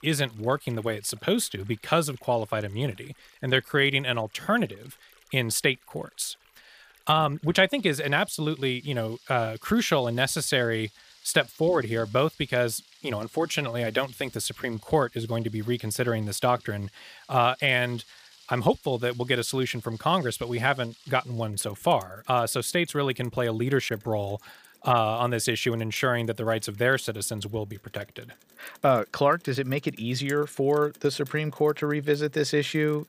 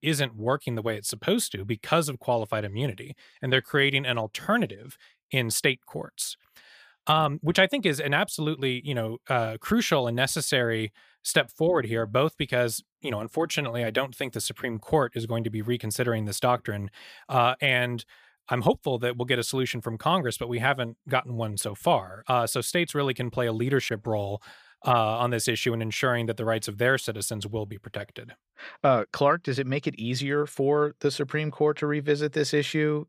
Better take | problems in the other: second | rain or running water; faint; throughout; 25 dB below the speech

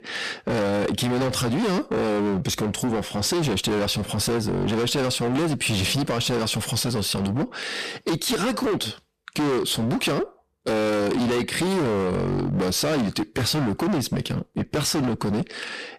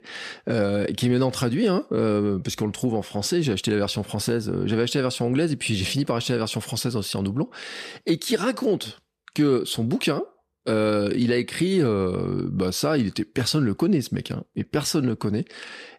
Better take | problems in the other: second | distortion; heavy; 31% of the sound clipped

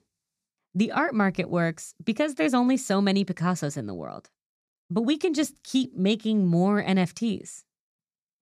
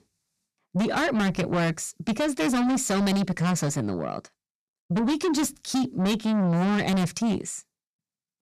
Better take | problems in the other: first | distortion; heavy; 6 dB below the speech

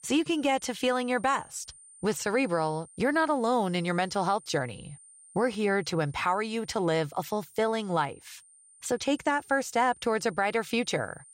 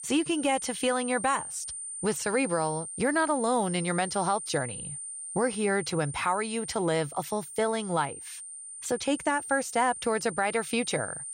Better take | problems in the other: first | high-pitched whine; loud; throughout; 9 kHz, 8 dB below the speech; faint in the first

